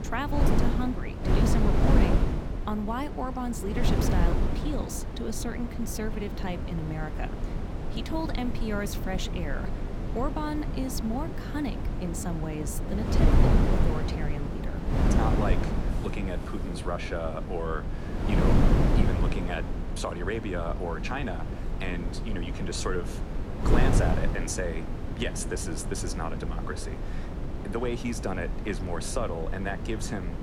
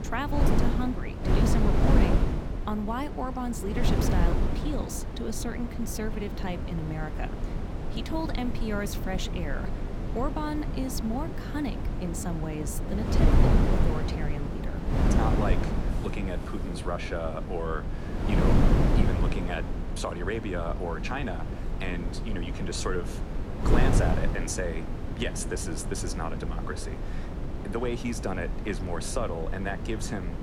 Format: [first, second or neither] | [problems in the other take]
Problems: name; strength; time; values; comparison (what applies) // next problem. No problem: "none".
neither | wind noise on the microphone; heavy; 2 dB below the speech; the same in both